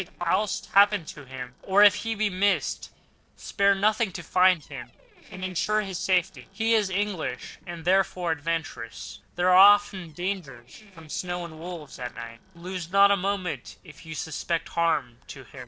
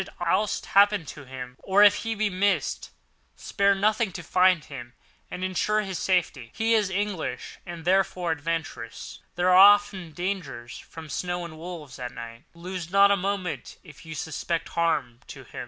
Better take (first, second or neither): second